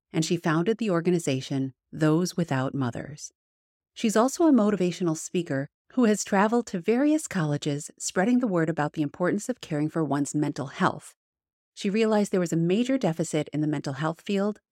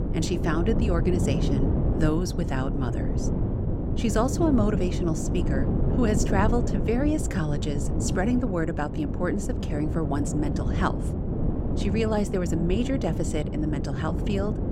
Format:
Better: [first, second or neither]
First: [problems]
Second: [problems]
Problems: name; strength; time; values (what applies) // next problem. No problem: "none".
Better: first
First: none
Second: wind noise on the microphone; heavy; 5 dB below the speech